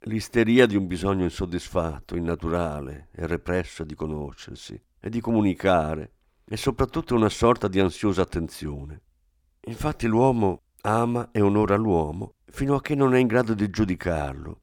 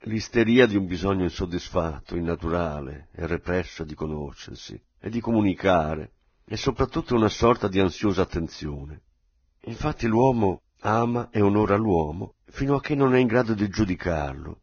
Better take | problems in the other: first | garbled, watery; badly; nothing above 6.5 kHz

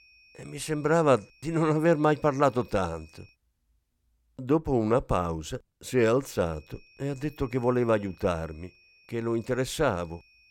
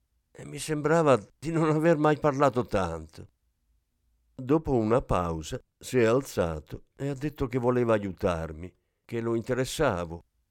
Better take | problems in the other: second | high-pitched whine; faint; until 3.5 s and from 6.5 s on; 2.5 kHz, 30 dB below the speech

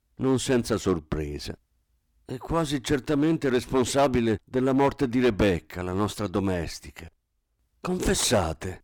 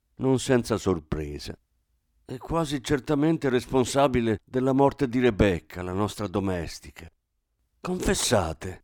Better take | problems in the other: second | distortion; slight; 4% of the sound clipped

